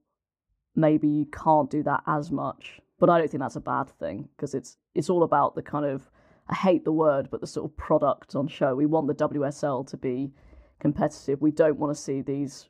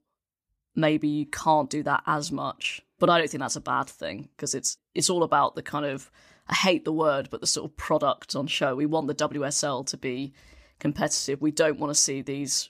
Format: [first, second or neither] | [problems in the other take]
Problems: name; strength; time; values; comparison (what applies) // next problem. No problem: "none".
second | muffled; very; fading above 2 kHz